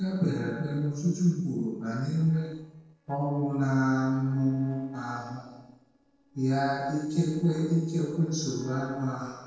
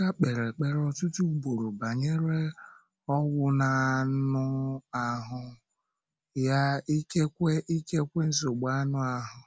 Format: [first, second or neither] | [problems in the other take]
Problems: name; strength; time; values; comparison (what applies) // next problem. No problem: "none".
second | noise reduction (neural separator model SepFormer DNS4)